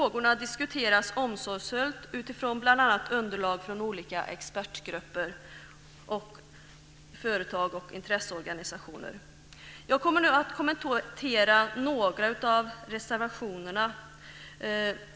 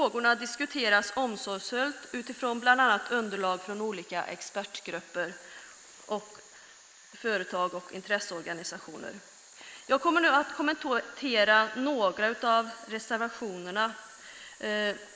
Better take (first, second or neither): first